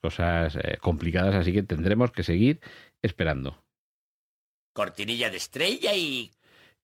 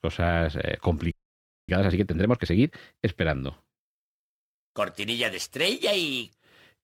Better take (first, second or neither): first